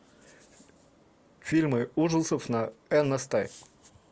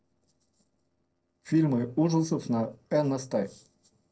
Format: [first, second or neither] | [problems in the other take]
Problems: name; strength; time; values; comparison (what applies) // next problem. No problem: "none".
first | noise reduction (neural separator model SepFormer DNS4)